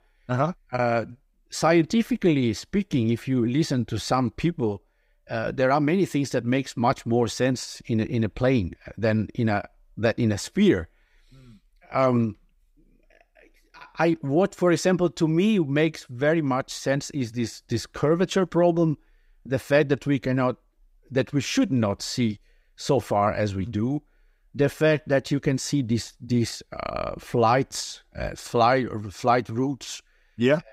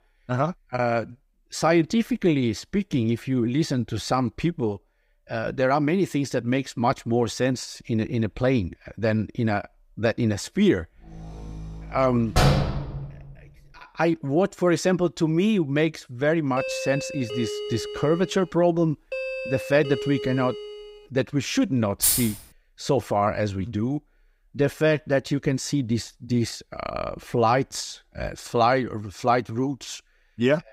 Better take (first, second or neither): first